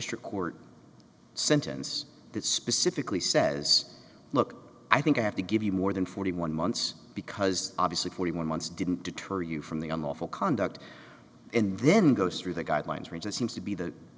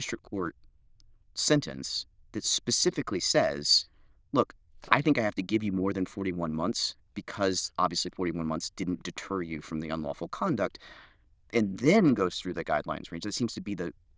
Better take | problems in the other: first | noise reduction (neural diffusion model UNIVERSE++)

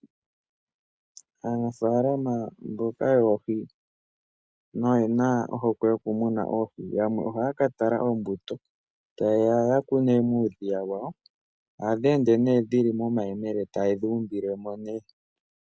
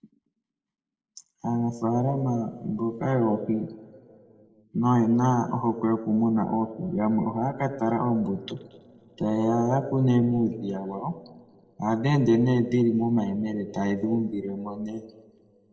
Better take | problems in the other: first | room echo; dies away in 1.8 s

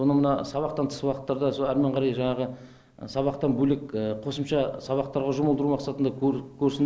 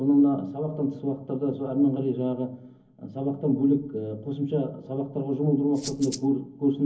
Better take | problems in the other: first | background sound (Rattle (instrument)); 13 dB below the speech // room echo; dies away in 0.3 s

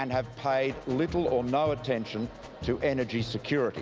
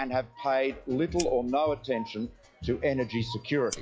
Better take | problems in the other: first | noise reduction (classical method log-MMSE)

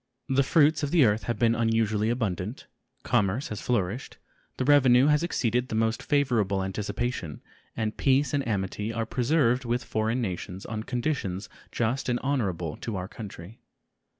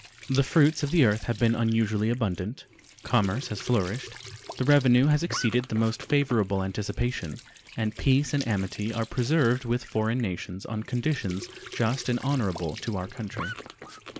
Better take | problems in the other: first | background sound (Squeak / Trickle, dribble / Sink (filling or washing)); 17 dB below the speech

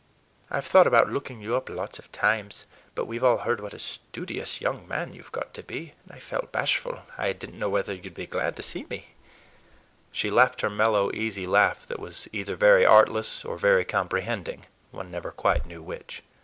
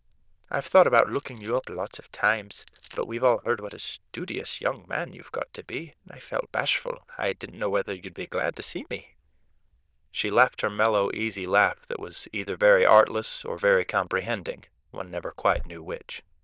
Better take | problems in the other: first | noise reduction (neural diffusion model UNIVERSE++)

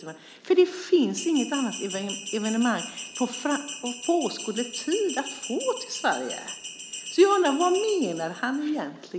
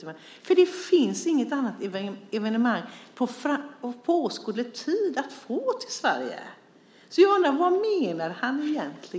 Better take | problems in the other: second | background sound (Bell); 12 dB below the speech

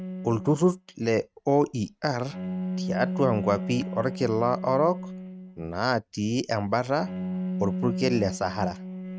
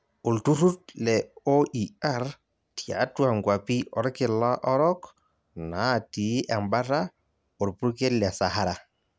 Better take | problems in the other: second | noise reduction (neural mask model RNNoise)

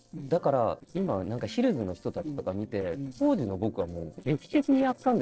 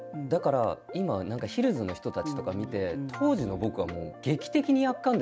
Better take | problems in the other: second | noise reduction (neural separator model SepFormer DNS4)

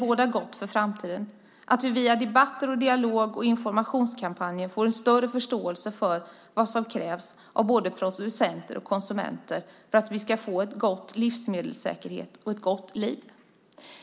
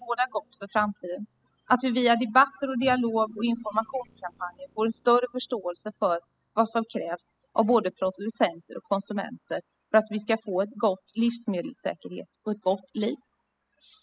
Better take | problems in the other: first | noise reduction (classical method spectral subtraction)

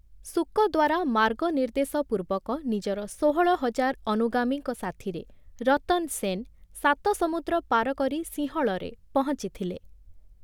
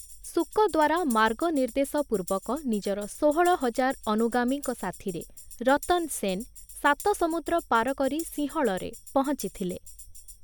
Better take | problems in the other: first | background sound (Tambourine); 19 dB below the speech

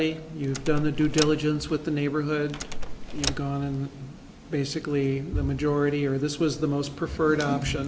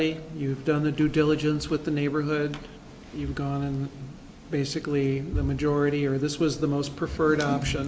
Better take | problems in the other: second | background sound (Door); 3 dB below the speech

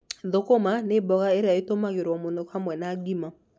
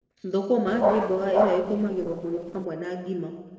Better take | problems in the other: first | noise reduction (neural separator model SepFormer DNS4)

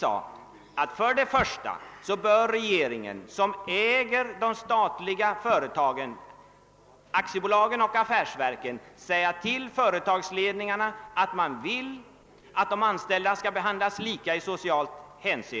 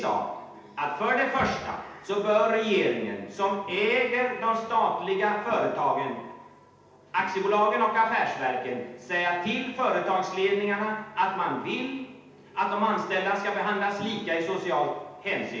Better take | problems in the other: first | room echo; dies away in 0.8 s

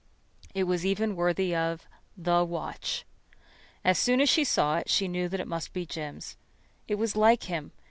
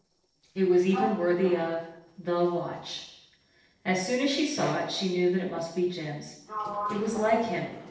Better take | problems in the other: first | noise reduction (neural separator model SepFormer DNS4)

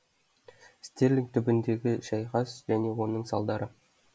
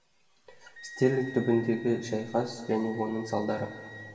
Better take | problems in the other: first | background sound (Wind instrument, woodwind instrument); 18 dB below the speech // room echo; dies away in 2.2 s

